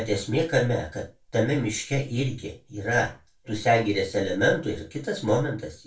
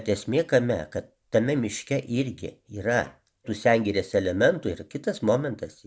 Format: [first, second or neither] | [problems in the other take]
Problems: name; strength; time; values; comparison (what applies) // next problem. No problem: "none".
second | room echo; dies away in 0.2 s